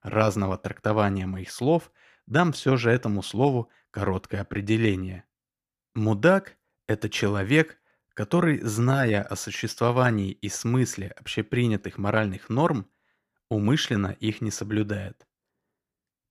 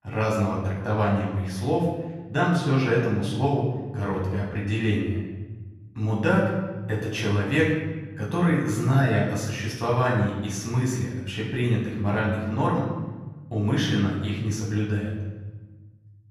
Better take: first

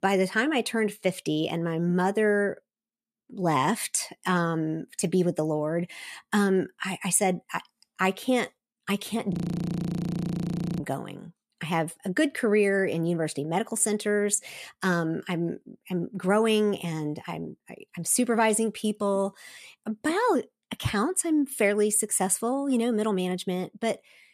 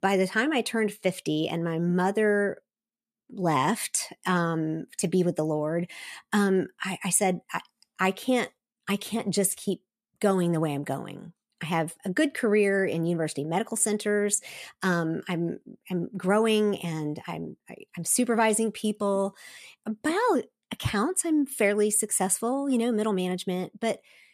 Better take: second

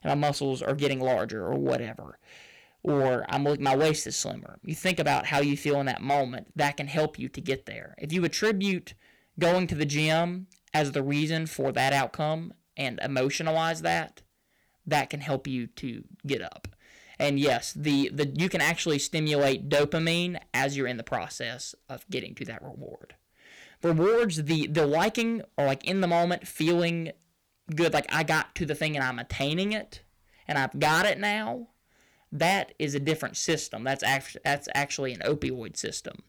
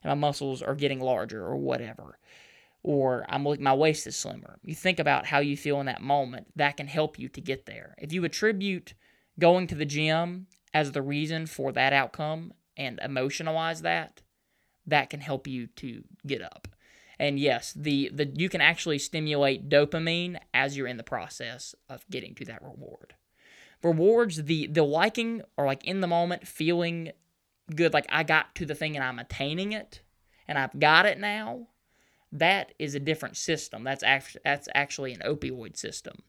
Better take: second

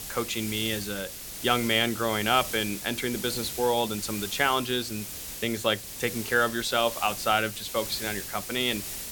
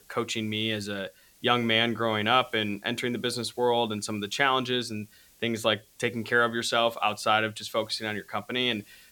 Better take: second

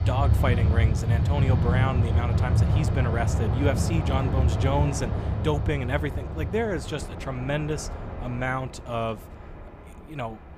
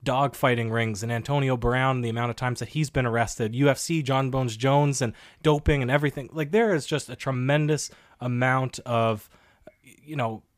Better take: second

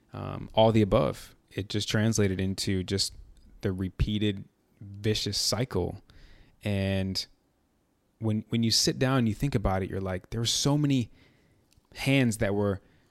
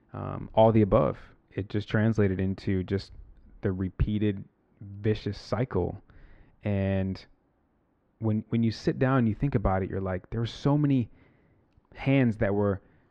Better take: first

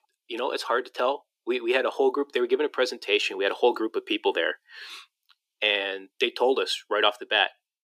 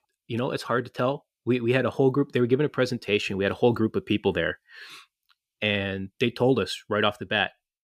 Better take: second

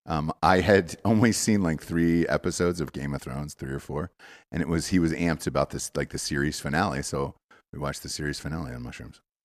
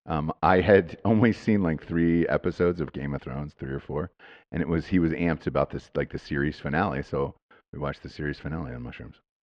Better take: first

